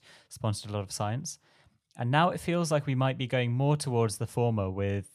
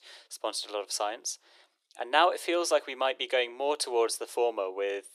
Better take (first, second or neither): first